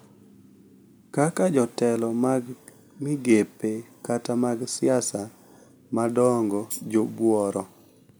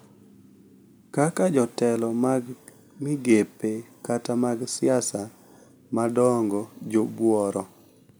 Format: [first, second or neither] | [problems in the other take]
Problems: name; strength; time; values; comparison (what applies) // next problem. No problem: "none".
second | background sound (Tambourine); 15 dB below the speech